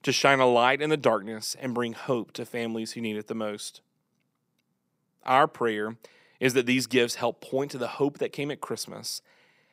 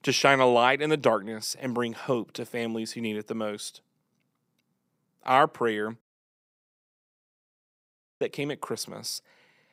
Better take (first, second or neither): first